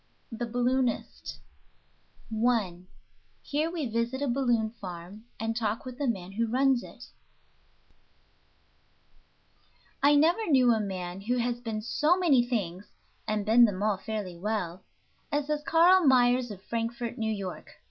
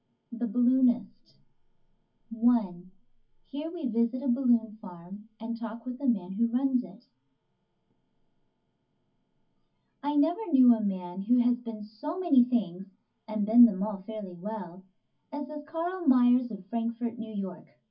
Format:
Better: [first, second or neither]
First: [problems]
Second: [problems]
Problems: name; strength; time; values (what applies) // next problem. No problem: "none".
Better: first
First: none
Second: room echo; dies away in 0.3 s